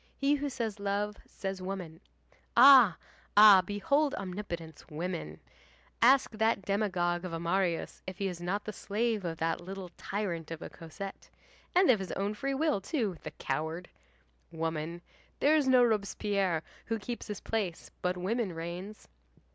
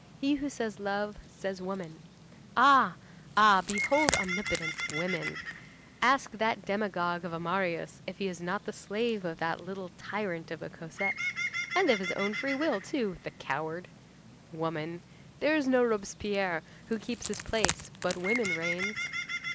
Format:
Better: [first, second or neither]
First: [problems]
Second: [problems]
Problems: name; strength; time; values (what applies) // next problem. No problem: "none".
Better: first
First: none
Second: background sound (Bird + Wood); 7 dB below the speech